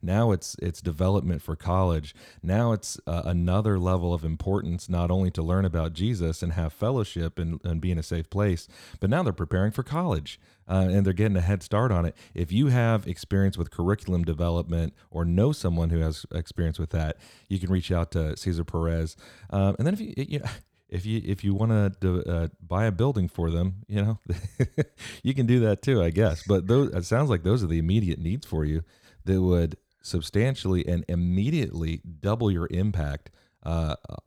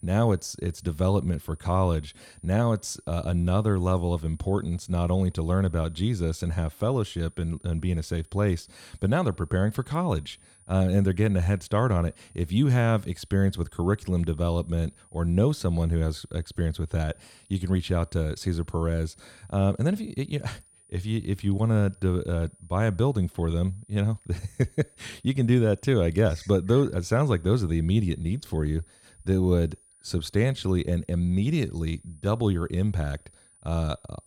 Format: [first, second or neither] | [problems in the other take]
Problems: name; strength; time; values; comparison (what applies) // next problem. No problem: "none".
first | high-pitched whine; faint; throughout; 9.5 kHz, 30 dB below the speech